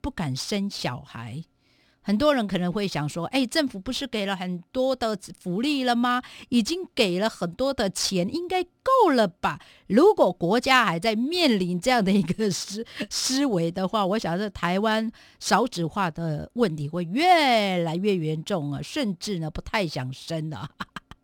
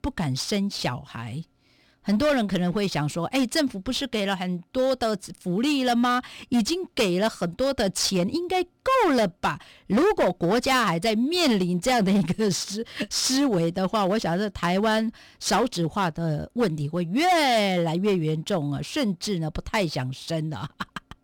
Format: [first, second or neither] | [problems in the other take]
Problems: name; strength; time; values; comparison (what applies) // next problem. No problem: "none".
first | distortion; slight; 7% of the sound clipped